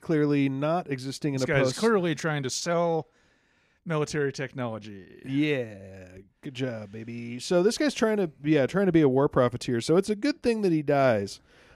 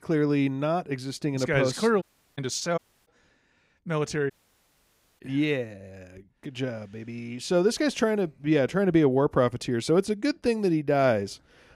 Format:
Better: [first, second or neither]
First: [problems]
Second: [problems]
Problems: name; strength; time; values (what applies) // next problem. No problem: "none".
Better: first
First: none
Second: audio cutting out; at 2 s, at 3 s and at 4.5 s for 1 s